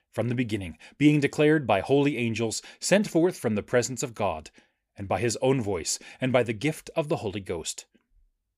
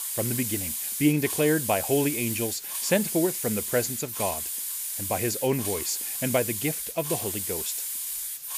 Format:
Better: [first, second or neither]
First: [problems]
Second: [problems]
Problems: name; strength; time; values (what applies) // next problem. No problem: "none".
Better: first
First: none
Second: hiss; loud; throughout; 1 dB below the speech